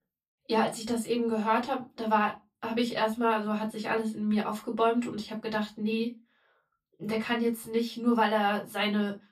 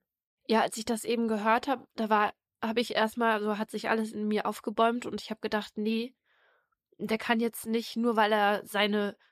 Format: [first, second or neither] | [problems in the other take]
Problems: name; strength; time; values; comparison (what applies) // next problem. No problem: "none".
second | off-mic speech; far // room echo; very slight; dies away in 0.2 s